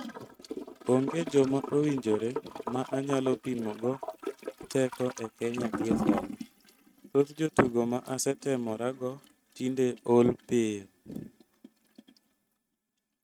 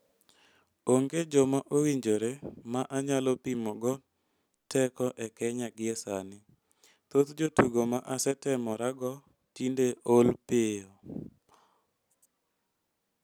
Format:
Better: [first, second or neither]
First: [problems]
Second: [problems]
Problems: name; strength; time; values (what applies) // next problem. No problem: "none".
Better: second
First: noise reduction (neural mask model RNNoise)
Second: none